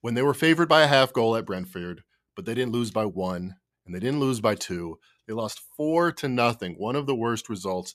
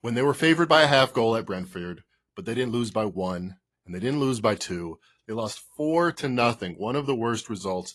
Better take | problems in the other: first | garbled, watery; slightly; nothing above 11.5 kHz

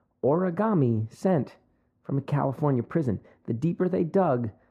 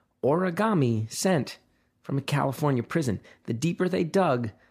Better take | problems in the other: second | muffled; very; fading above 2 kHz

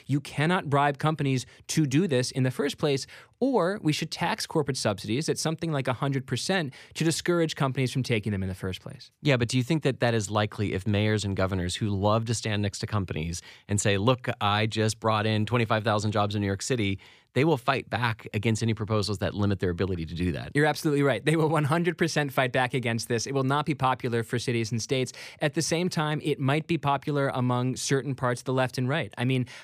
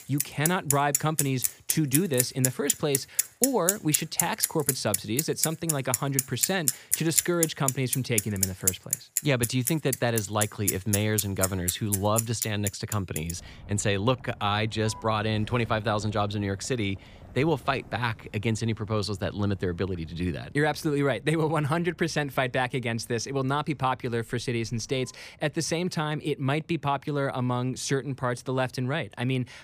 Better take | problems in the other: first | traffic noise; loud; throughout; as loud as the speech

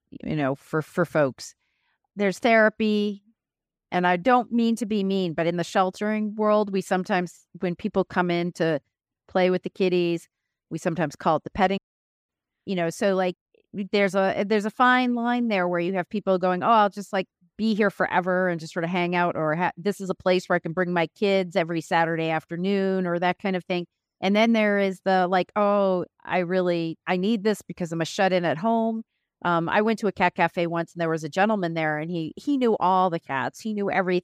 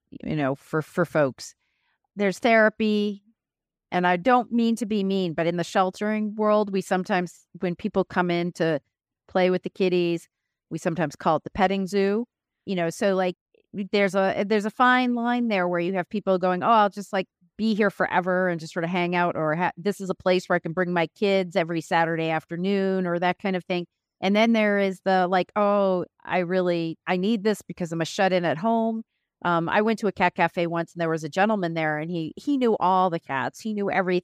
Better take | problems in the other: second | audio cutting out; at 12 s for 0.5 s

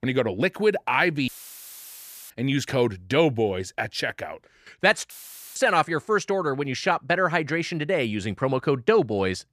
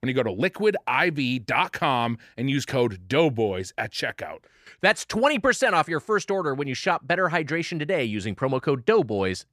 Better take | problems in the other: second | audio cutting out; filled with static; at 1.5 s for 1 s and at 5 s

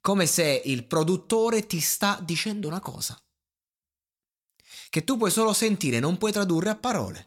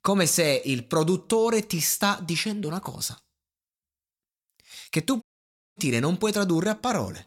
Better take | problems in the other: first | audio cutting out; at 5 s for 0.5 s

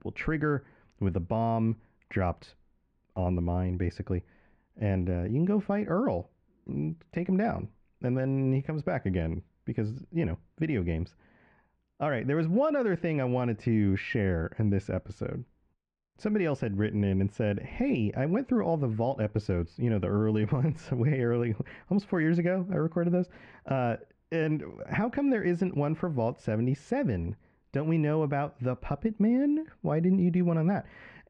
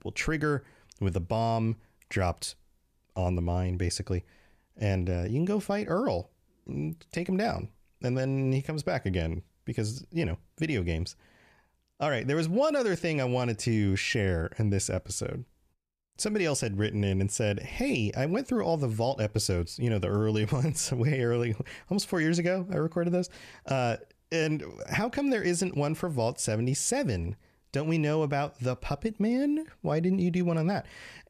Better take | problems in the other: second | muffled; very; fading above 1.5 kHz

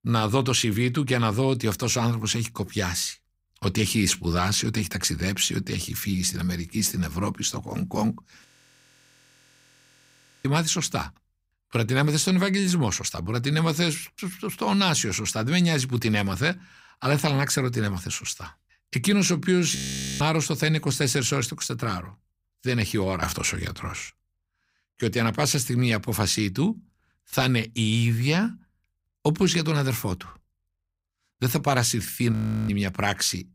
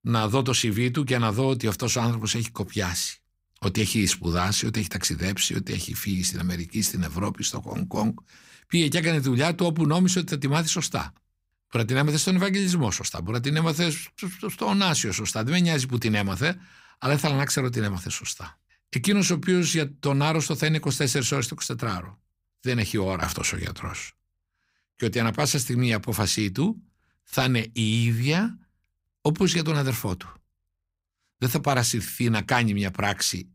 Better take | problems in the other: second | audio freezing; at 8.5 s for 2 s, at 20 s and at 32 s

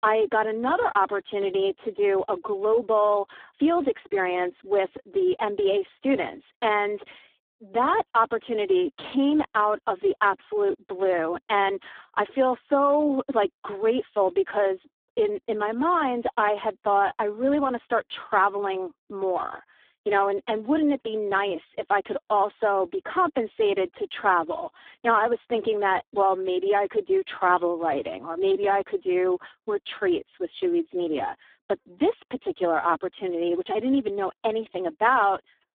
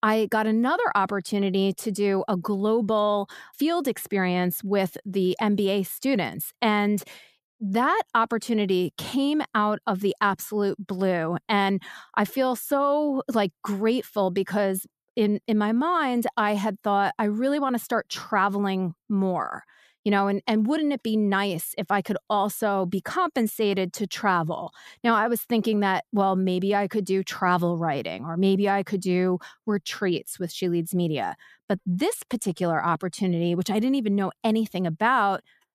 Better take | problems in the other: second | phone-call audio; poor line

